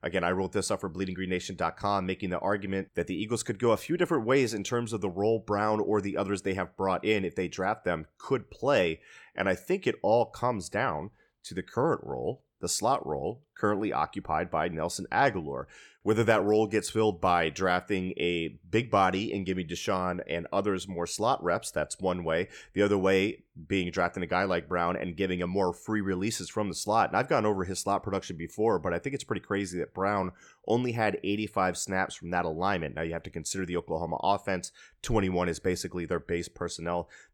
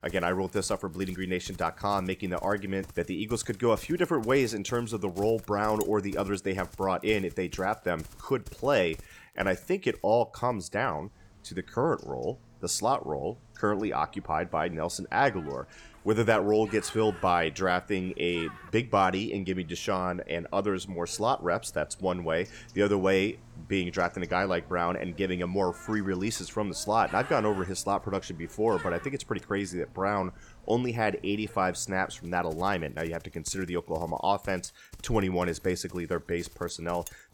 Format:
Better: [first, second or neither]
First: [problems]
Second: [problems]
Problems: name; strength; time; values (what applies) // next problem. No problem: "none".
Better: first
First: none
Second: animal sounds; faint; throughout; 20 dB below the speech